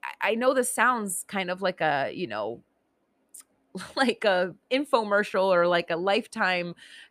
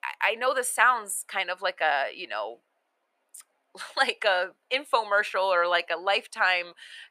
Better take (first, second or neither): first